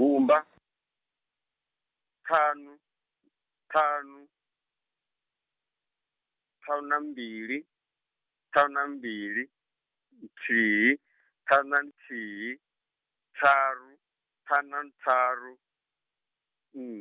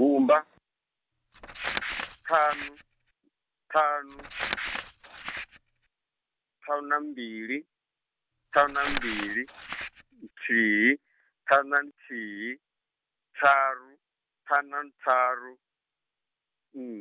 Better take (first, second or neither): first